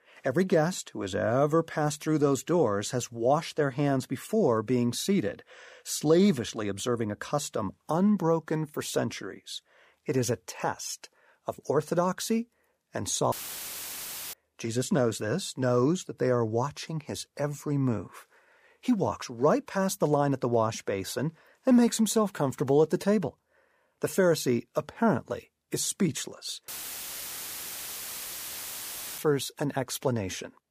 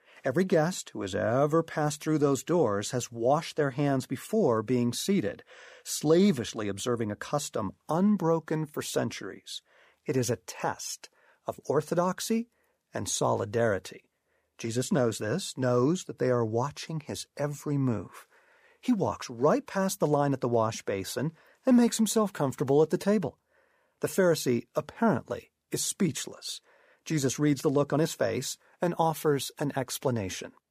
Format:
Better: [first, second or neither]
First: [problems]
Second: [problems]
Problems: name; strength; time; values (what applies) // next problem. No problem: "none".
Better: second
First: audio cutting out; filled with static; at 13 s for 1 s and at 27 s for 2.5 s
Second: none